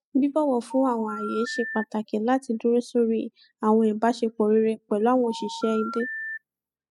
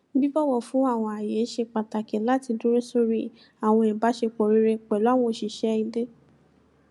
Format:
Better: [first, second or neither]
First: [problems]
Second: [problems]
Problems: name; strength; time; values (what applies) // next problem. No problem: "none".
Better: second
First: noise reduction (classical method spectral subtraction)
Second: none